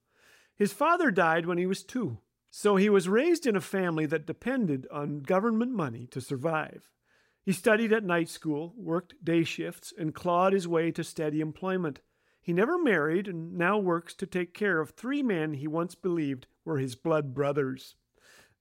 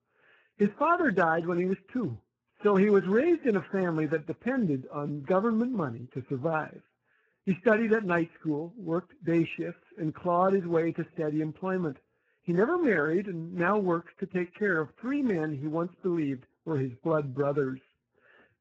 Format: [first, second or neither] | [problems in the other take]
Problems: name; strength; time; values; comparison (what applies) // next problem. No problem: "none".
first | garbled, watery; badly